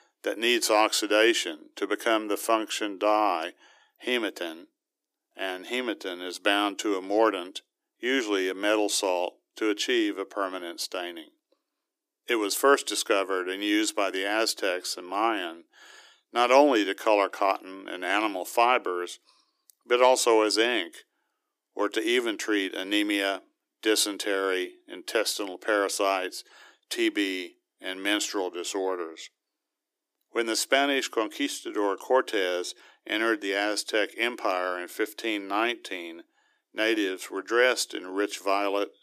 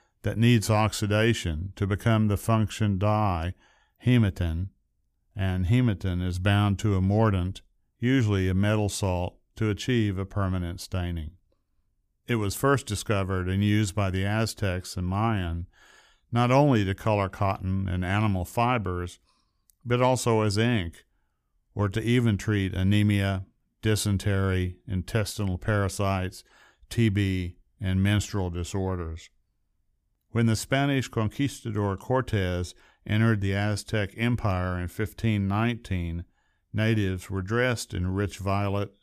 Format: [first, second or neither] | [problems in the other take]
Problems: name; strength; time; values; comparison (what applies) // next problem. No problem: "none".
second | thin; very; fading below 300 Hz